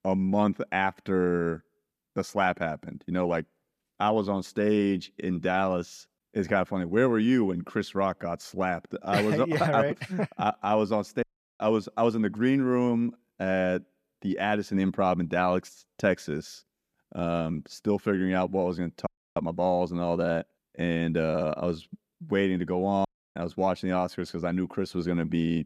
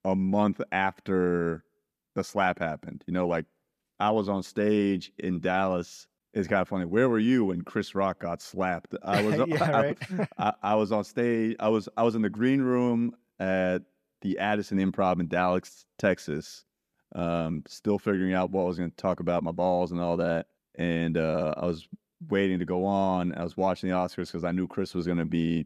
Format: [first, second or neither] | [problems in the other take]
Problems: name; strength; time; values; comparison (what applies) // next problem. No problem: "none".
second | audio cutting out; at 11 s, at 19 s and at 23 s